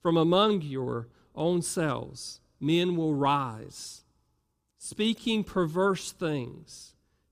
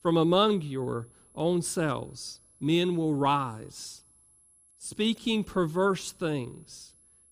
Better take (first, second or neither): first